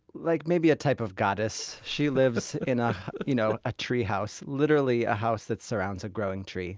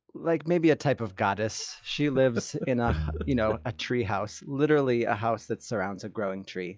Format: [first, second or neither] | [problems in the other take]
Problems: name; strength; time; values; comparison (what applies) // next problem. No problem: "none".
first | noise reduction (classical method log-MMSE)